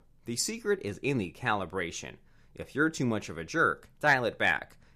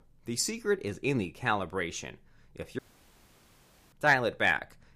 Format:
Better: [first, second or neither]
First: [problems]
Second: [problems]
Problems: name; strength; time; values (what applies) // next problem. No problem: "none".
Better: first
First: none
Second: audio cutting out; at 3 s for 1 s